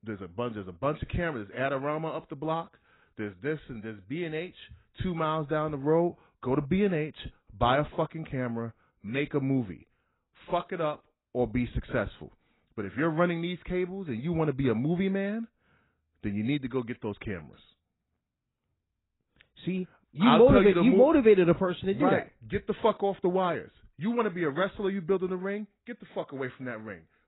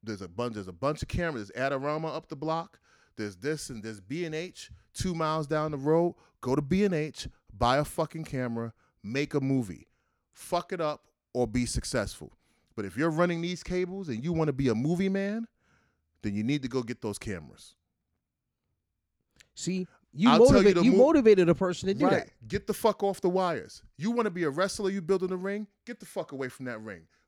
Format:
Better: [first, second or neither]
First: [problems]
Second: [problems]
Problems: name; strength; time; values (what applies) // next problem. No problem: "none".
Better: second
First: garbled, watery; badly; nothing above 4 kHz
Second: none